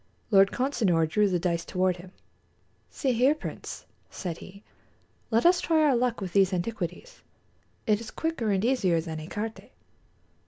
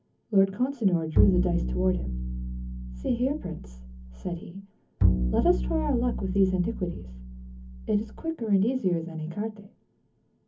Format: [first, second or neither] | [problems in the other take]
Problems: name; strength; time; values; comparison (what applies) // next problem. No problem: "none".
first | background sound (Bowed string instrument); as loud as the speech // room echo; dies away in 0.3 s